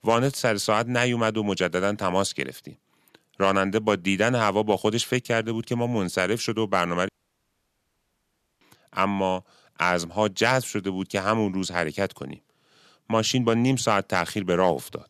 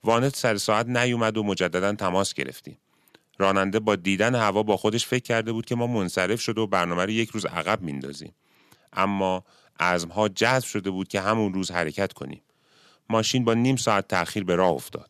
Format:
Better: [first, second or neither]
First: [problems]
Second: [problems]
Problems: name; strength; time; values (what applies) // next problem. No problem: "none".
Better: second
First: audio cutting out; at 7 s for 1.5 s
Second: none